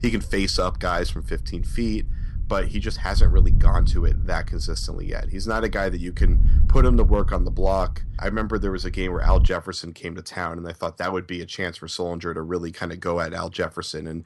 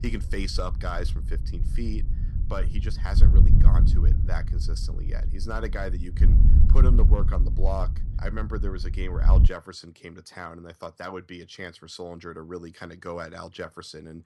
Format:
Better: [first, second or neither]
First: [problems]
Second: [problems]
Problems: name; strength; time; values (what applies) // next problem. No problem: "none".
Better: first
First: wind noise on the microphone; occasional gusts; until 9.5 s; 15 dB below the speech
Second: wind noise on the microphone; heavy; until 9.5 s; 6 dB below the speech